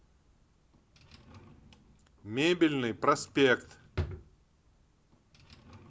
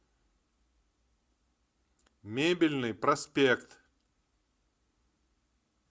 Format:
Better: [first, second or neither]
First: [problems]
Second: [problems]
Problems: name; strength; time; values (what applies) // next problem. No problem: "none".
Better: second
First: background sound (Drawer open or close); 14 dB below the speech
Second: none